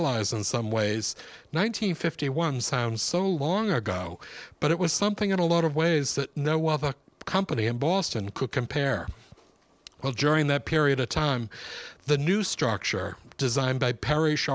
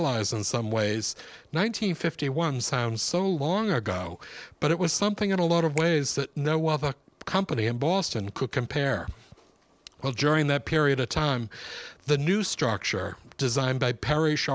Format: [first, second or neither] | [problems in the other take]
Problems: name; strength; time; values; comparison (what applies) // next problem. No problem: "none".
first | background sound (Finger snapping); 19 dB below the speech